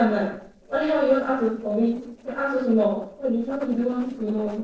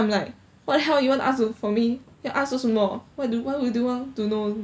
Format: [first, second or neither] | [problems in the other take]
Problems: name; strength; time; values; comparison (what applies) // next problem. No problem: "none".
second | noise reduction (neural separator model SepFormer DNS4)